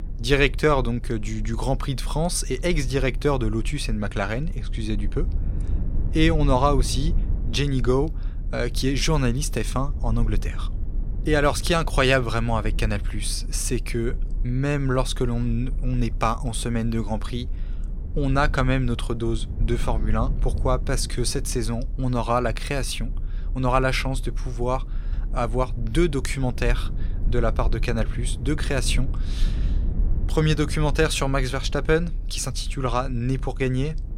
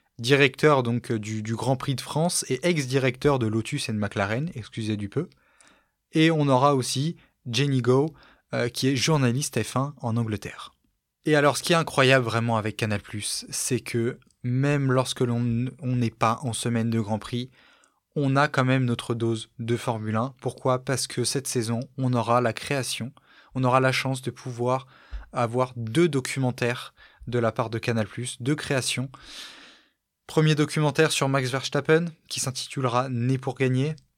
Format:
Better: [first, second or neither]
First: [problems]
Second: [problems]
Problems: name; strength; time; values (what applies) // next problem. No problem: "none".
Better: second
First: low rumble; faint; throughout; 20 dB below the speech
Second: none